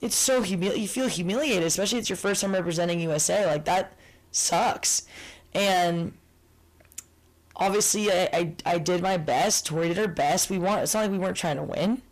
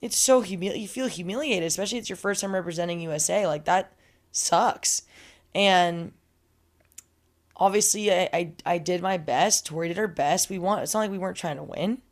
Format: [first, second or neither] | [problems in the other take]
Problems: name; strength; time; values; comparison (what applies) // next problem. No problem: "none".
second | distortion; heavy; 7 dB below the speech